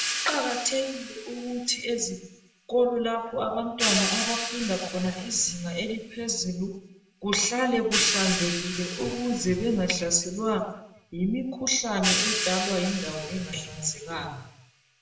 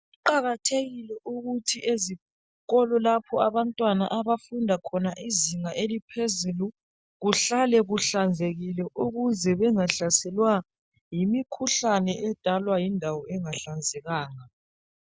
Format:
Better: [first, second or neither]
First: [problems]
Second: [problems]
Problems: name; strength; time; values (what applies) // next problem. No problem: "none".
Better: second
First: background sound (Hi-hat); 5 dB below the speech // room echo; dies away in 0.7 s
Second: none